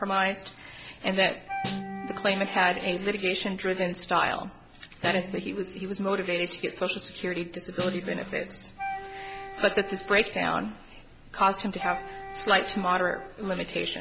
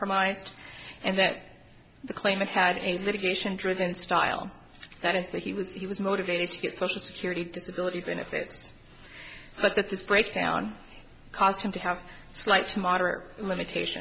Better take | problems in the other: second | background sound (Wind instrument, woodwind instrument + Snare drum); 10 dB below the speech

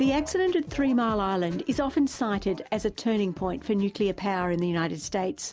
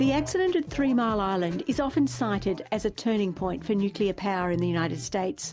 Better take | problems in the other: first | background sound (Electric guitar); 16 dB below the speech

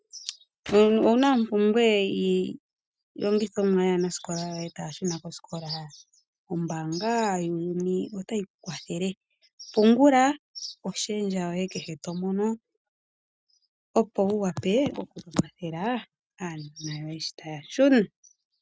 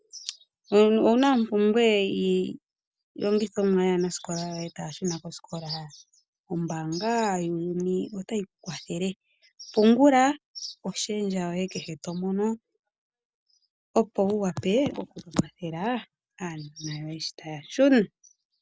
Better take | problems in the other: second | noise reduction (neural mask model RNNoise)

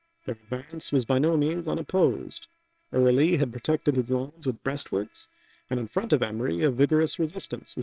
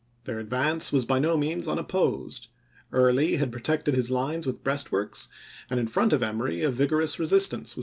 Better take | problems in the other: second | noise reduction (neural separator model SepFormer WHAM!)

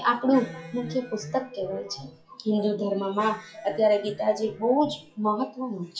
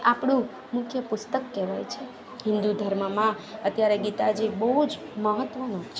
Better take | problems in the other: second | noise reduction (classical method WPE with log-MMSE)

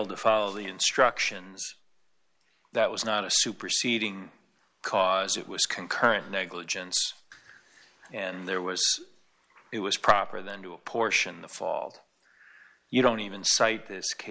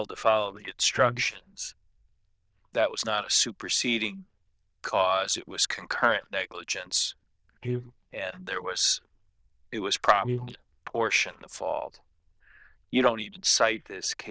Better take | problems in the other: first | noise reduction (neural diffusion model UNIVERSE++)

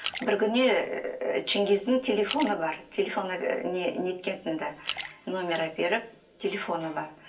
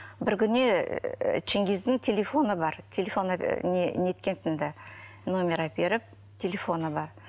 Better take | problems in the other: second | background sound (Splash, splatter); 15 dB below the speech // room echo; dies away in 0.3 s

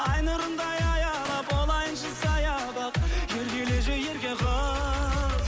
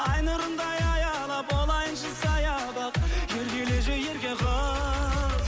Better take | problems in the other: second | background sound (Gunshot, gunfire); 20 dB below the speech

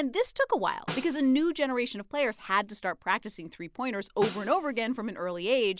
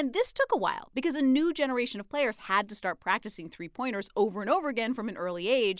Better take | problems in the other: second | background sound (Snare drum); 14 dB below the speech

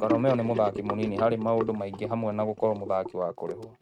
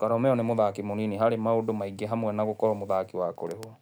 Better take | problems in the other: second | noise reduction (neural mask model RNNoise)

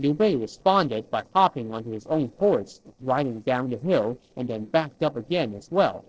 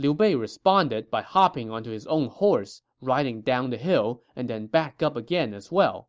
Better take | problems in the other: second | noise reduction (neural separator model SepFormer DNS4)

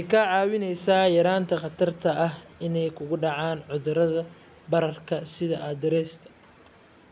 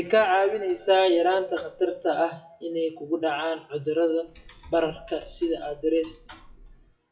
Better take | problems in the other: first | noise reduction (classical method WPE with log-MMSE)

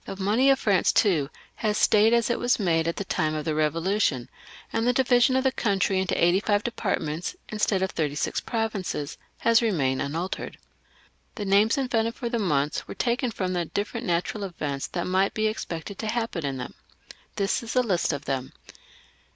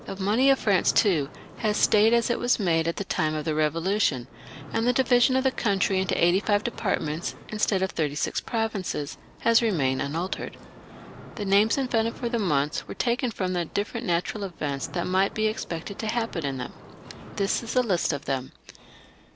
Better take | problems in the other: first | background sound (Mechanisms); 18 dB below the speech

